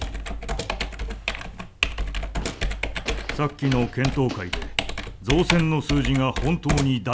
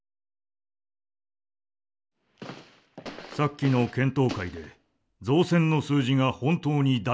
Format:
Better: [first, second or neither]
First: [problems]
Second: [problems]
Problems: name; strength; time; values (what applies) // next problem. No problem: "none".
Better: second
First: background sound (Computer keyboard); 2 dB below the speech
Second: none